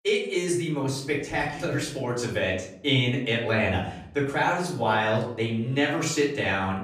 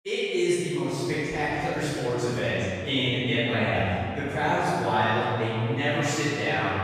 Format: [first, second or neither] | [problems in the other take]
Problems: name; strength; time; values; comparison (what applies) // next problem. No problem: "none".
first | room echo; strong; dies away in 2.4 s; slight in the first // off-mic speech; far; far in the first